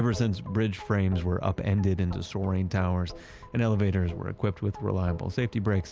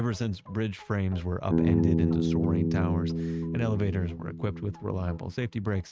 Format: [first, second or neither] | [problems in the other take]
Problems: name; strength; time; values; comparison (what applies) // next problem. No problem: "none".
first | noise reduction (neural mask model RNNoise)